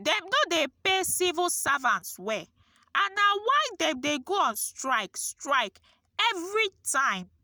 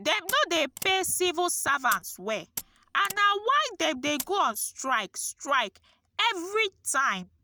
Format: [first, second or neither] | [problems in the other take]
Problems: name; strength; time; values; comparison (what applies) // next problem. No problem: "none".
first | background sound (Mechanisms); 15 dB below the speech